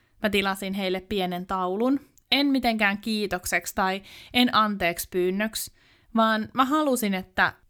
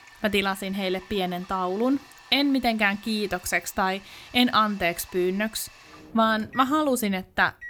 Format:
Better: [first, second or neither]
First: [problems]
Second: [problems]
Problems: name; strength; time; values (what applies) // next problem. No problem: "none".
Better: first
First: none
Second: household noises; faint; throughout; 20 dB below the speech